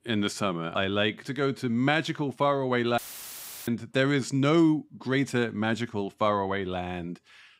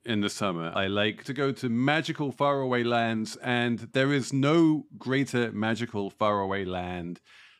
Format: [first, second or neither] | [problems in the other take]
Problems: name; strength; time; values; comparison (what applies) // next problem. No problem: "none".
second | audio cutting out; filled with static; at 3 s for 0.5 s